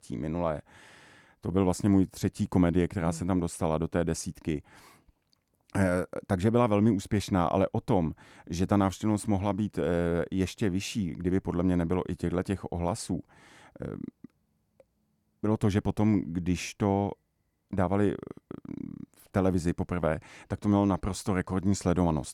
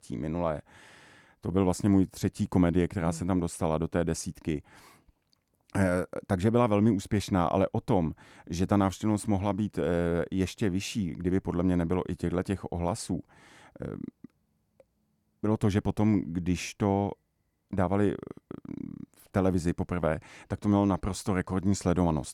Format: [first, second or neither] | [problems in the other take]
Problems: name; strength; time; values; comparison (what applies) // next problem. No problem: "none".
neither | none